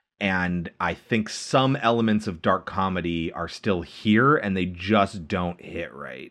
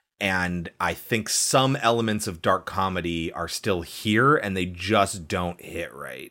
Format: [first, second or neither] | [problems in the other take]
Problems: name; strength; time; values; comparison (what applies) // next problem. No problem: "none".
second | muffled; slightly; fading above 3.5 kHz